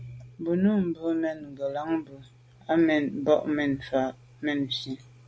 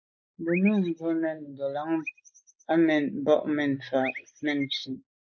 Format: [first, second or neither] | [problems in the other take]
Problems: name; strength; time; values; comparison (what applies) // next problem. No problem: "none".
first | noise reduction (neural mask model Resemble Enhance denoiser)